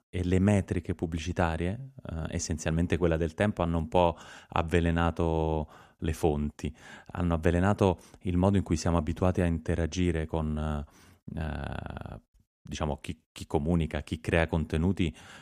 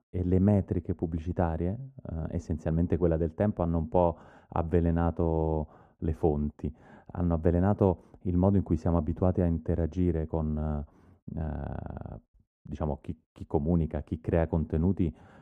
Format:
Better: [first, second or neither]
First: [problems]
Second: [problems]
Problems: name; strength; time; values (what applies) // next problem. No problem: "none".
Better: first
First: none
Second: muffled; very; fading above 1.5 kHz